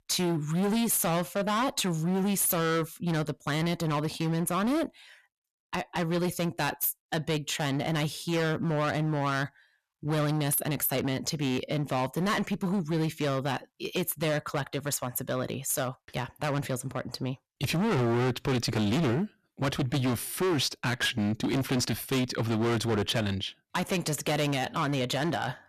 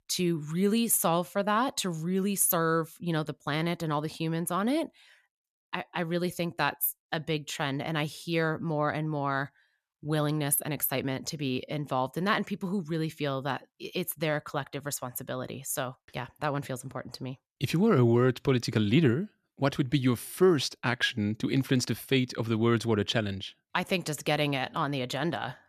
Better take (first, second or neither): second